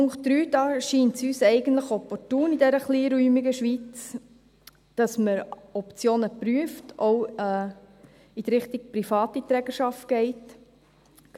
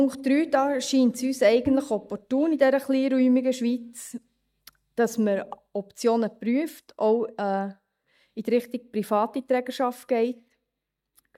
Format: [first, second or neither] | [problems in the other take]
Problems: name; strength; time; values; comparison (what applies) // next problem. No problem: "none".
first | noise reduction (neural mask model DeepFilterNet 3)